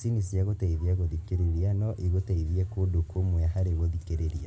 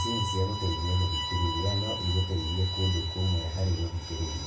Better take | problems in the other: first | background sound (Bowed string instrument); 6 dB below the speech // room echo; dies away in 0.3 s

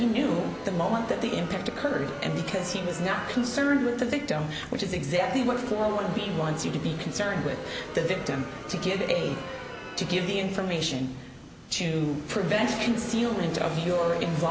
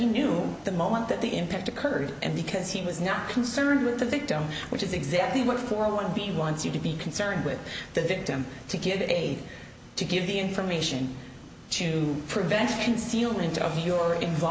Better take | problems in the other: second | background sound (Crowd); 12 dB below the speech

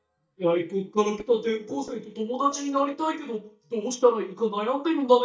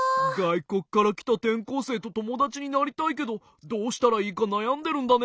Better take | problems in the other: second | noise reduction (neural mask model DeepFilterNet 3)

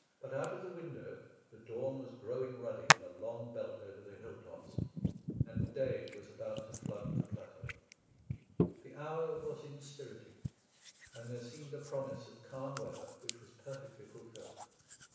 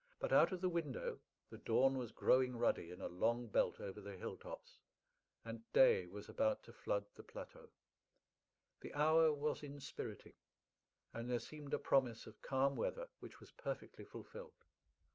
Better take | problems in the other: second | background sound (Hands); 3 dB above the speech // room echo; dies away in 1.1 s

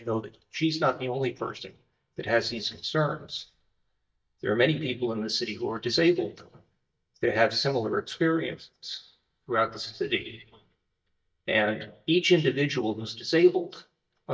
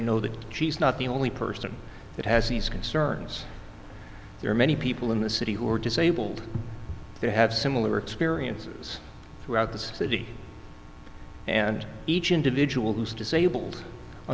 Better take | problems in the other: second | noise reduction (neural mask model DeepFilterNet 3)

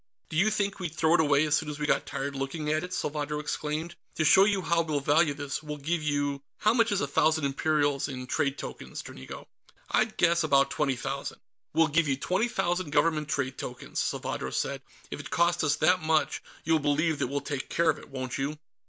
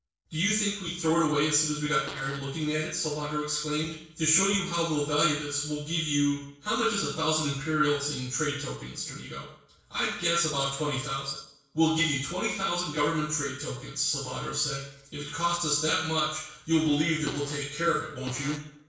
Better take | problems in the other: first | noise reduction (neural separator model SepFormer DNS4)

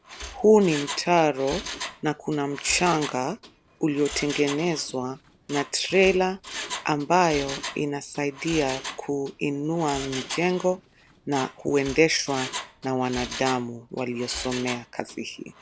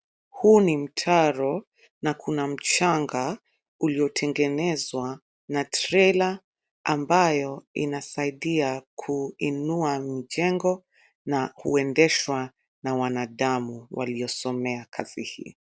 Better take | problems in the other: second | background sound (Mechanisms); 12 dB below the speech

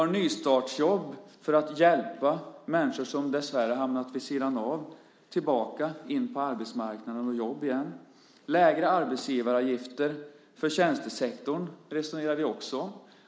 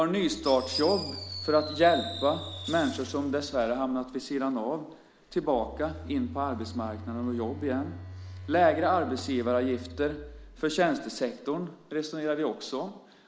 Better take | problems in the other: first | background sound (Fireworks + Telephone); 13 dB below the speech

